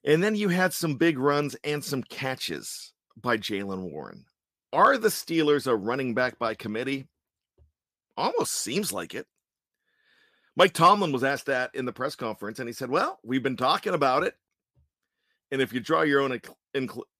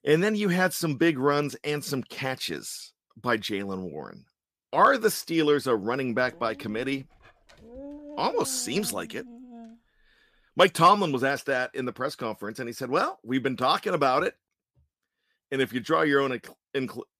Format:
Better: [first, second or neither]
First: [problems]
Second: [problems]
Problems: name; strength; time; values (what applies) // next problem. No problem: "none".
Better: first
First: none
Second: dog barking; faint; from 6.5 to 10 s; peak 15 dB below the speech